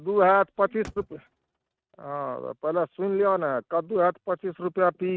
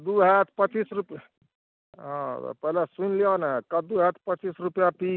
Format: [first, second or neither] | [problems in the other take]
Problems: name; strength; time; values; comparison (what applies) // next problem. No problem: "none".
second | noise reduction (neural mask model RNNoise)